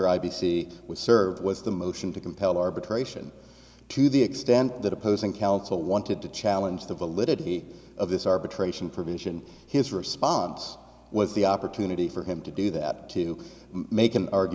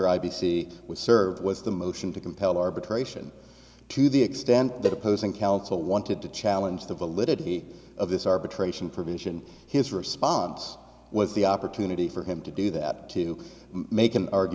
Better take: first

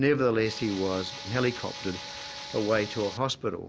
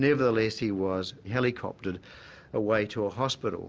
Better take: second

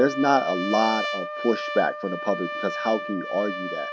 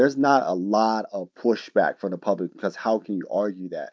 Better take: second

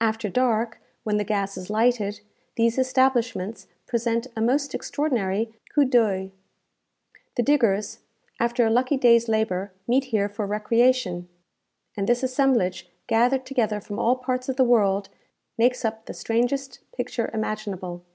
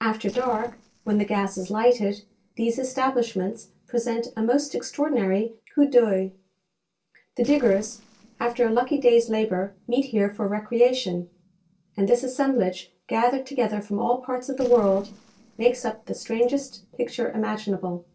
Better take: first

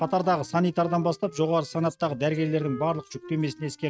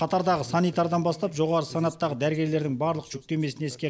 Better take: second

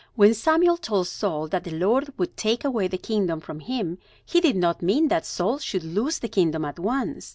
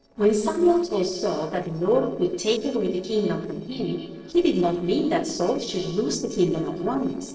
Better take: first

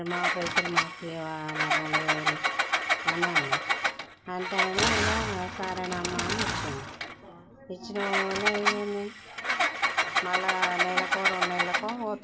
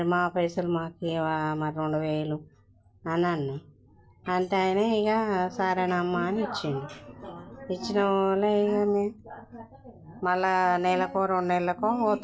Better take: second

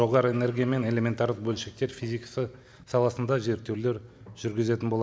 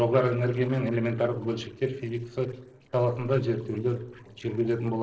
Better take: first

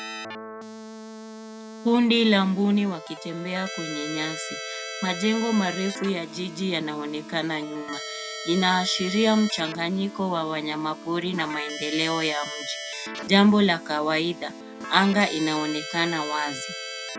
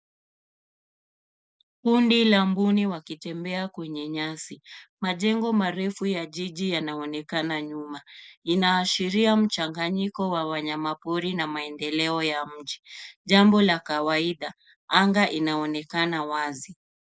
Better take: second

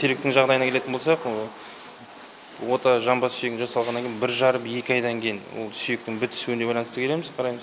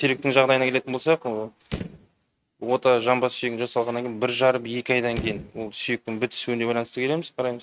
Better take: first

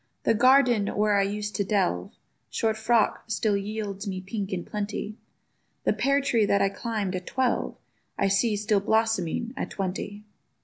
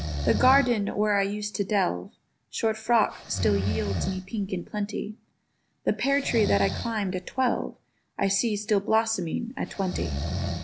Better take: first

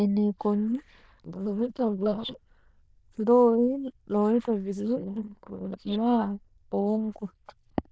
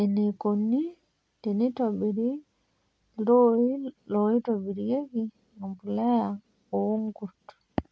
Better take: second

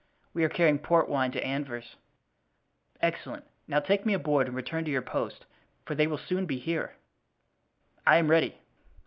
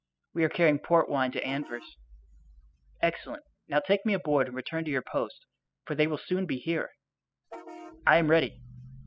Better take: first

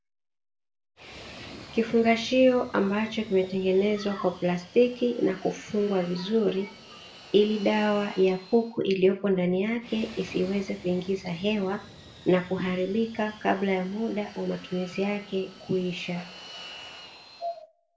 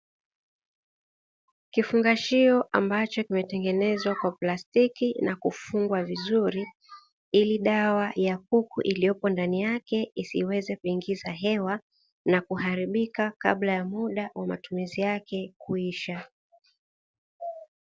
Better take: second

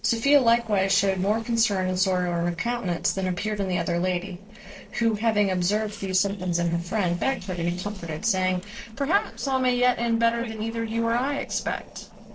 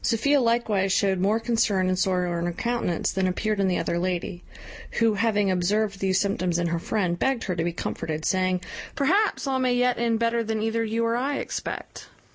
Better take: second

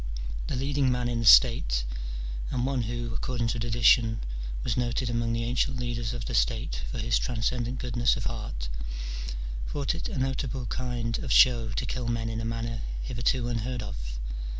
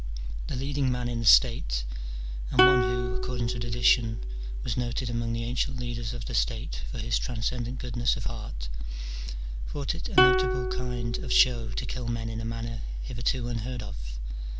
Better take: first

